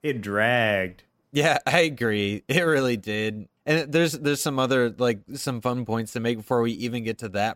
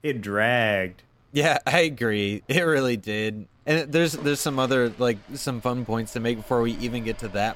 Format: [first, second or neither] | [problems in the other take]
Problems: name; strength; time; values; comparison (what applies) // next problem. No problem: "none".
first | household noises; faint; throughout; 25 dB below the speech